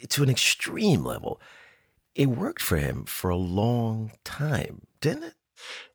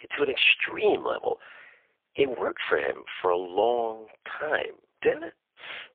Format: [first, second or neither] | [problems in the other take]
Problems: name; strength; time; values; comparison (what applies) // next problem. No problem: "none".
first | phone-call audio; poor line